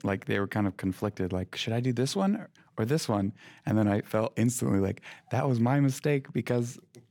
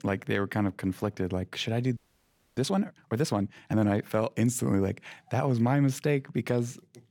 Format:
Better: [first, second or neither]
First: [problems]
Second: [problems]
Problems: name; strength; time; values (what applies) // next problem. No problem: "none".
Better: first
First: none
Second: audio freezing; at 2 s for 0.5 s